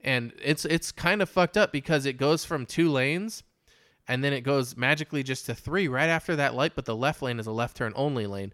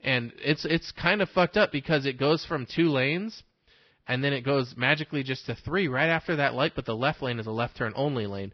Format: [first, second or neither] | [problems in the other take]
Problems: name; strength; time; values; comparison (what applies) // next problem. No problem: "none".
first | garbled, watery; badly; nothing above 5.5 kHz